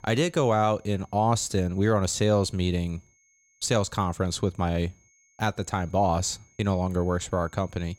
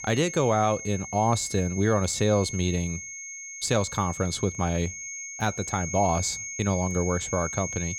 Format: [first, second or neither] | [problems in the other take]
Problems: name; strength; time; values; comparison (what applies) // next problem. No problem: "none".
first | high-pitched whine; loud; throughout; 6.5 kHz, 8 dB below the speech; faint in the first